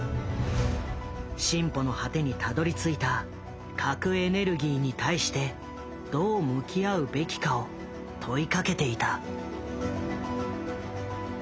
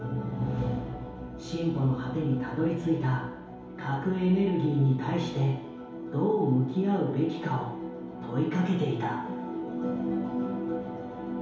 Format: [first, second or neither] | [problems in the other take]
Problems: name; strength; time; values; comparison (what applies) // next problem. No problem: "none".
first | room echo; dies away in 2.2 s